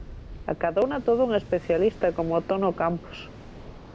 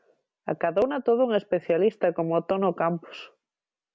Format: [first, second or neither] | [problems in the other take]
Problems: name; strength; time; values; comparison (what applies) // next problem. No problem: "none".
second | background sound (Waves, surf); 15 dB below the speech